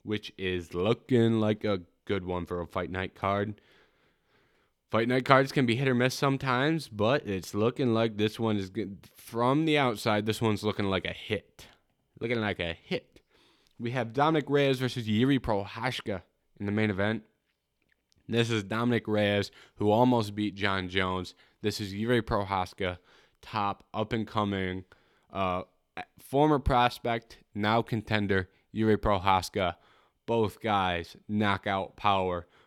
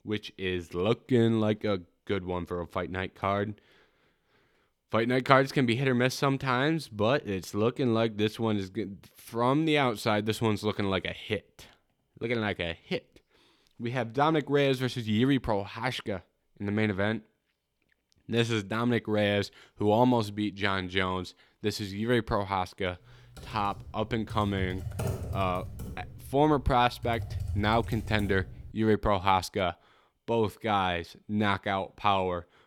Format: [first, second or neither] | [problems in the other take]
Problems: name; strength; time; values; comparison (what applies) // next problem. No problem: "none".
first | keyboard typing; noticeable; from 23 to 29 s; peak 5 dB below the speech